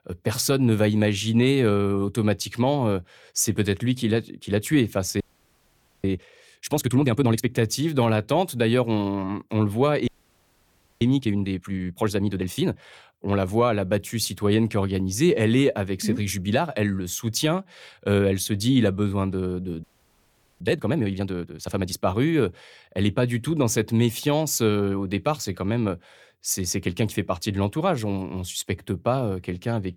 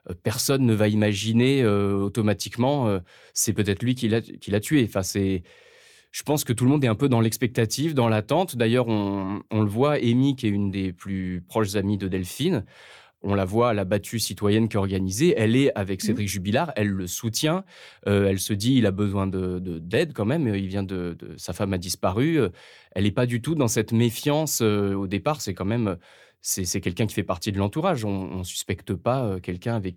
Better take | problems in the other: second | audio freezing; at 5 s for 1 s, at 10 s for 1 s and at 20 s for 1 s

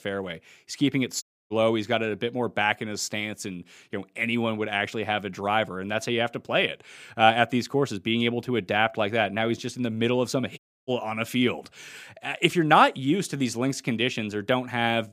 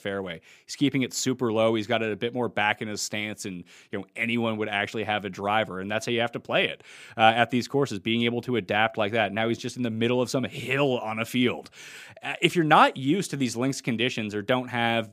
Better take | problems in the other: second | audio cutting out; at 1 s and at 11 s

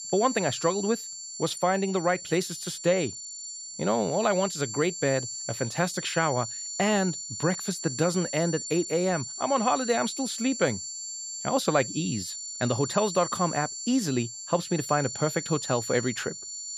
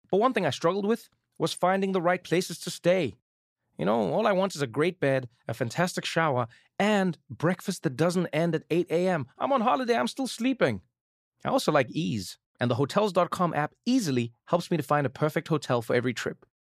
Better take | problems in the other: second | high-pitched whine; loud; throughout; 7 kHz, 7 dB below the speech

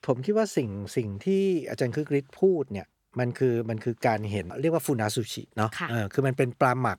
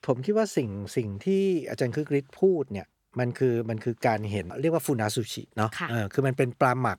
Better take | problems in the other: neither | none

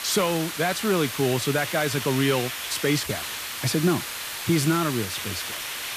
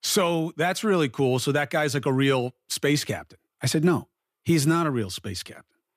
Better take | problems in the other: second | hiss; loud; throughout; 5 dB below the speech

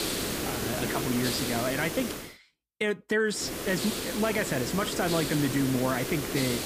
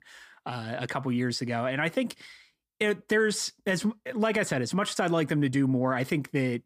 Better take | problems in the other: second | hiss; loud; until 2 s and from 3.5 s on; 2 dB below the speech

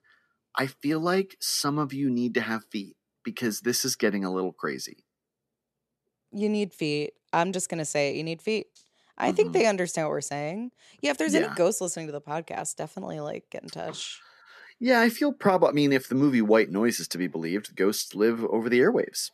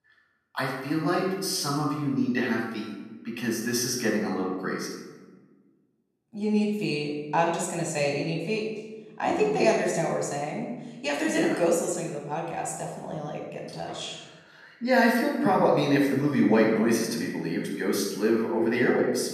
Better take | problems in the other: first | off-mic speech; far // room echo; noticeable; dies away in 1 s

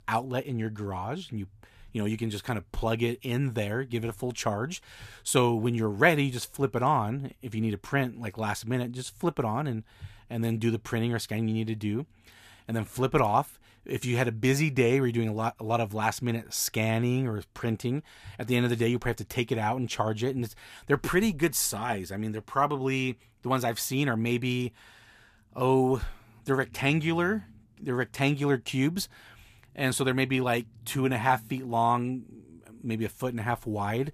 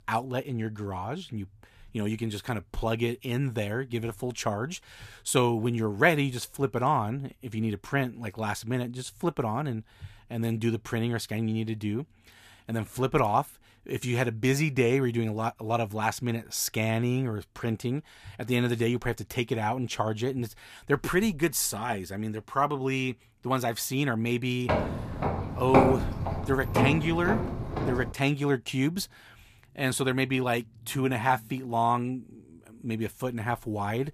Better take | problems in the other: first | footsteps; loud; from 25 to 28 s; peak 6 dB above the speech

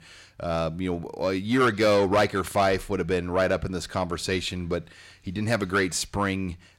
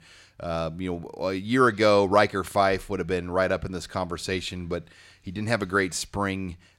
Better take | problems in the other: second | distortion; slight; 10 dB below the speech

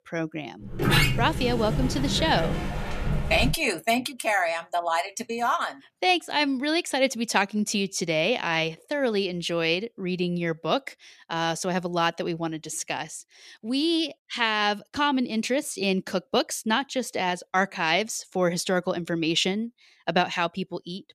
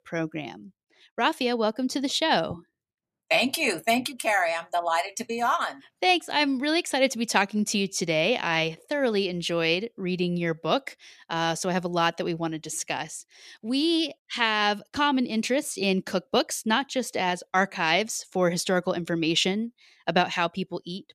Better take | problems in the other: second | door banging; loud; from 0.5 to 3.5 s; peak 5 dB above the speech

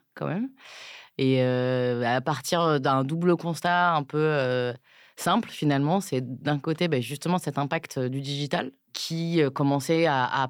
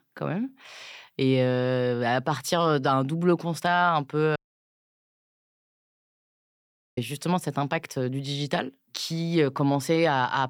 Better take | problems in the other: first | audio cutting out; at 4.5 s for 2.5 s

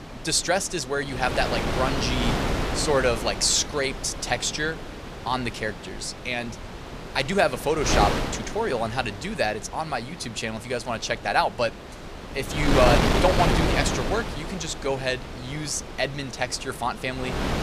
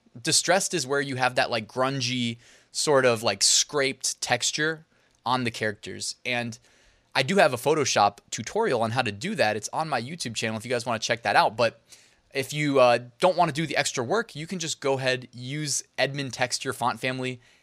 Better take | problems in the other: second | wind noise on the microphone; heavy; 5 dB below the speech

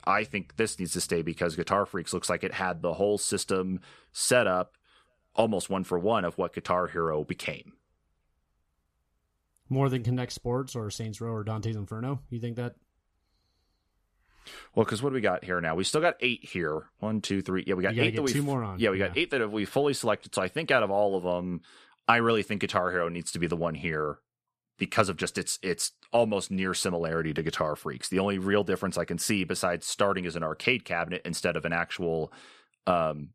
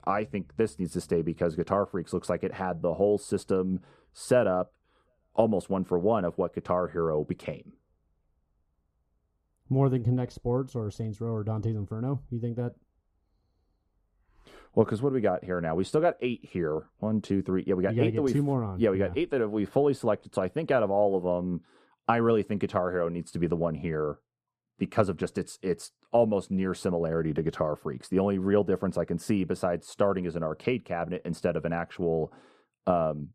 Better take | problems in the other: first | muffled; slightly; fading above 1.5 kHz

